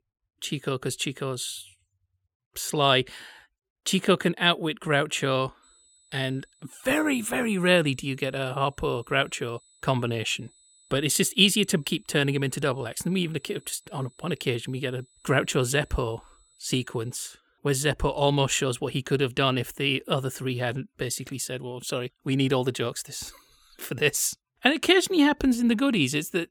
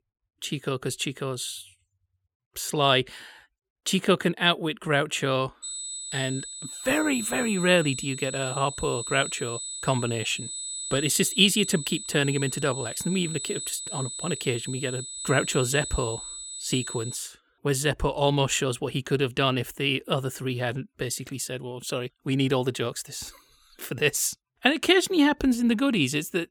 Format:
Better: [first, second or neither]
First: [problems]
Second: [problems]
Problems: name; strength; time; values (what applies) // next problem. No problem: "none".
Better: first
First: high-pitched whine; faint; from 5.5 to 17 s; 8 kHz, 30 dB below the speech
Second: high-pitched whine; loud; from 5.5 to 17 s; 8 kHz, 7 dB below the speech